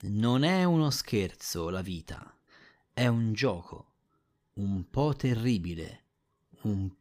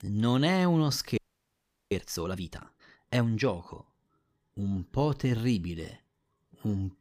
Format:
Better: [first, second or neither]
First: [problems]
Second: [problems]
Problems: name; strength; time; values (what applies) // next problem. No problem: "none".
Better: first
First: none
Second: audio freezing; at 1 s for 0.5 s